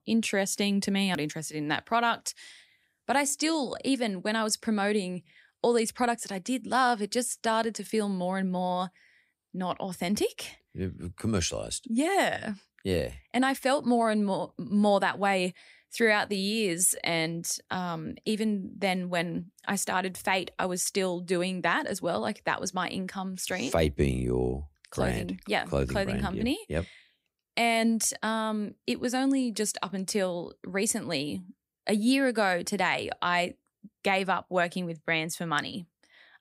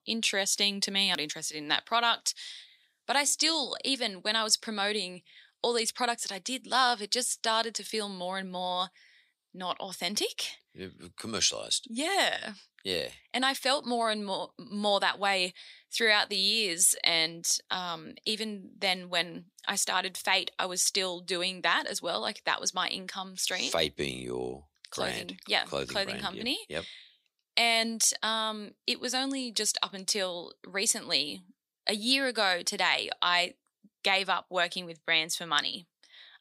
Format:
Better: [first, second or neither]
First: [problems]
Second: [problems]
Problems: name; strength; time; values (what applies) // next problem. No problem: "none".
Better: first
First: none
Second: thin; very slightly; fading below 1 kHz